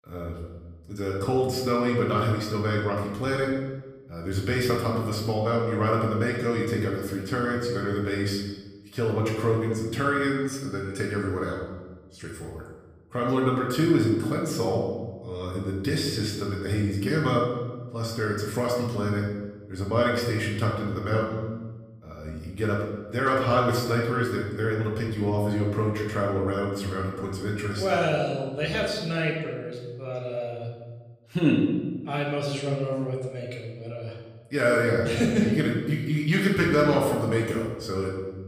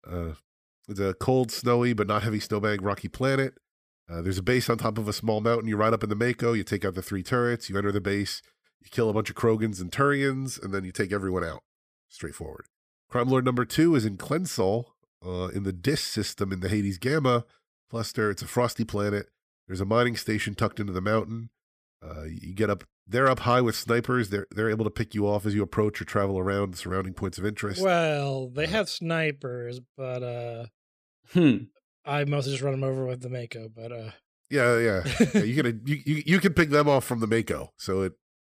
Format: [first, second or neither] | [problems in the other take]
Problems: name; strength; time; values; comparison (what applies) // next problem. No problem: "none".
second | room echo; noticeable; dies away in 1.1 s // off-mic speech; far